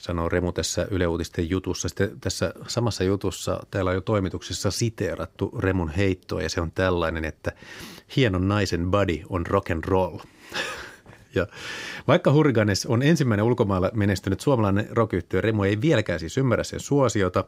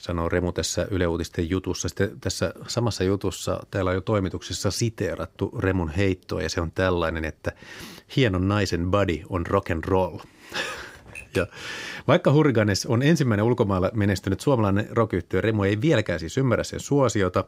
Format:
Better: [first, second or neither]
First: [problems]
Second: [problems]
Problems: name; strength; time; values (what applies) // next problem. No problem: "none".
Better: first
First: none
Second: keyboard typing; faint; at 11 s; peak 15 dB below the speech